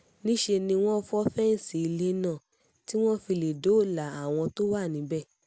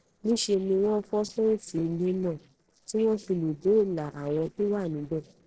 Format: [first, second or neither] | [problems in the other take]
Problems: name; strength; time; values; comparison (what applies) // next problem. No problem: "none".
first | noise reduction (neural separator model SepFormer DNS4)